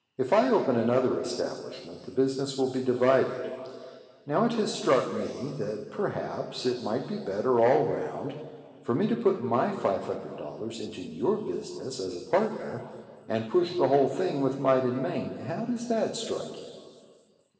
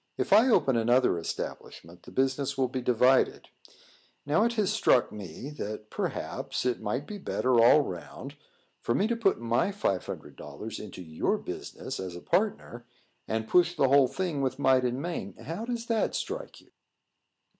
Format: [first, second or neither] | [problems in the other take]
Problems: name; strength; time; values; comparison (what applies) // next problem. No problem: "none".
second | room echo; dies away in 2.3 s